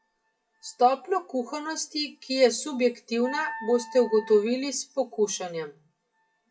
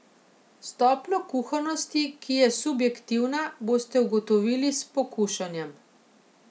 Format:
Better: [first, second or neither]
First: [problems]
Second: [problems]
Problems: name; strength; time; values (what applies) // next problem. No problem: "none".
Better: second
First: noise reduction (classical method WPE with log-MMSE)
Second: none